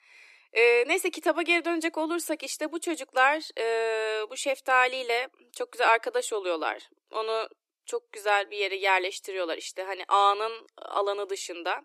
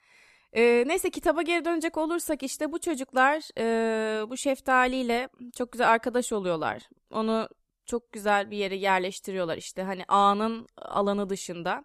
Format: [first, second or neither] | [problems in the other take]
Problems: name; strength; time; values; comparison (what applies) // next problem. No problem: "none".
second | thin; very; fading below 300 Hz